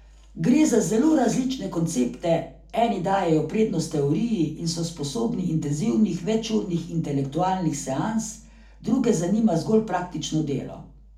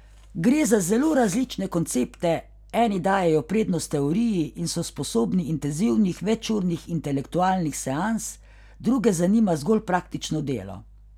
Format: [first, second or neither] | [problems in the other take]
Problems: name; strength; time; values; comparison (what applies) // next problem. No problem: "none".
second | room echo; dies away in 0.4 s